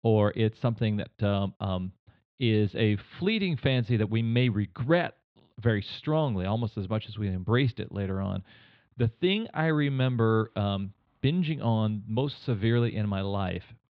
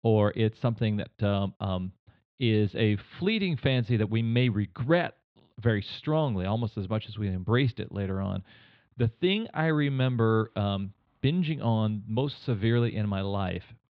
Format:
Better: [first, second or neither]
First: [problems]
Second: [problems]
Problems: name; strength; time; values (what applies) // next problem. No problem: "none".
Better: neither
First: muffled; slightly; fading above 4 kHz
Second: muffled; slightly; fading above 4 kHz